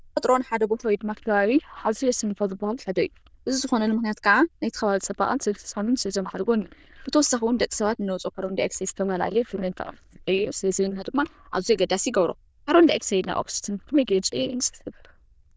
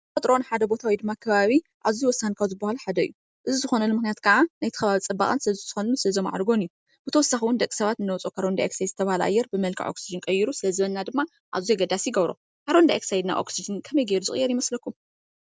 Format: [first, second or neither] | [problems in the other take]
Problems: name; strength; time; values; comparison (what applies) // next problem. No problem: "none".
second | noise reduction (neural diffusion model UNIVERSE++)